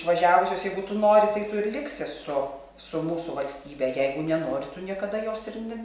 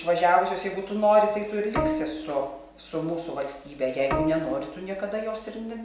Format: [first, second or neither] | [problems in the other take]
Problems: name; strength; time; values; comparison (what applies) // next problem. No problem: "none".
first | background sound (Bowed string instrument); 6 dB below the speech